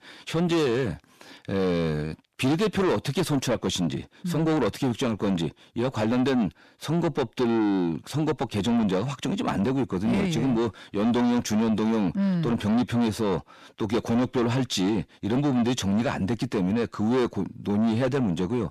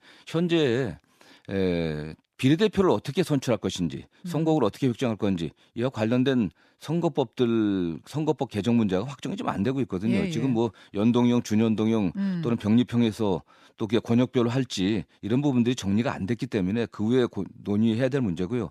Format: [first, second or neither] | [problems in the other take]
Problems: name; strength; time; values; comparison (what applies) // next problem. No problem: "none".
second | distortion; heavy; 7 dB below the speech